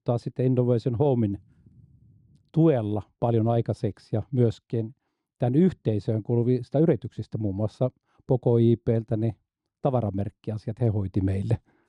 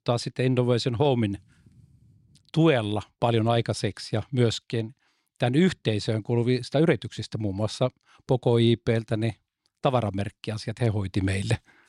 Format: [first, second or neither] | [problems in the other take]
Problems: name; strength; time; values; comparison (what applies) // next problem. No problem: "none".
second | muffled; very; fading above 1 kHz